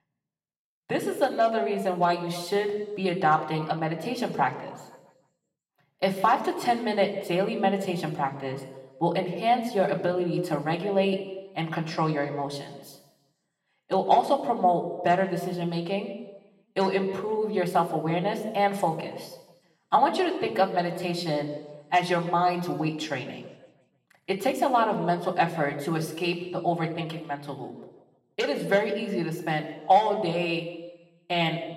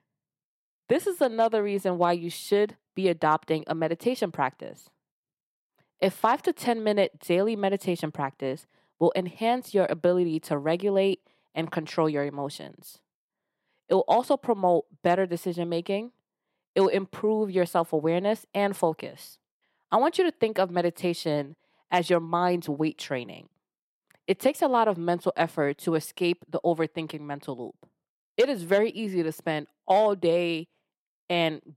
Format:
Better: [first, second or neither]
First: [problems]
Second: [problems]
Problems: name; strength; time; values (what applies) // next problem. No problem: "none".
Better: second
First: room echo; slight; dies away in 1.1 s // off-mic speech; somewhat distant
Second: none